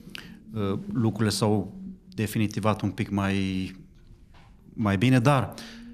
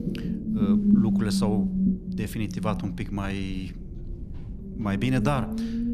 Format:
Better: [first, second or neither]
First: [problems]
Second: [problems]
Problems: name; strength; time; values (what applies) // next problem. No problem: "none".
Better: first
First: low rumble; faint; throughout; 20 dB below the speech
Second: low rumble; loud; throughout; as loud as the speech